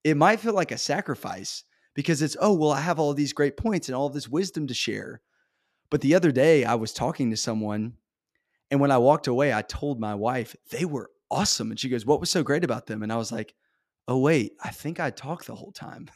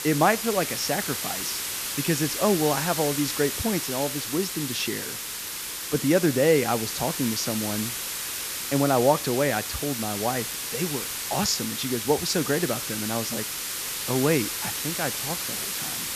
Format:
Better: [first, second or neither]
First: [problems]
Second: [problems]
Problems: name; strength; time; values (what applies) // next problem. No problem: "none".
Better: first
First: none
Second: hiss; loud; throughout; 3 dB below the speech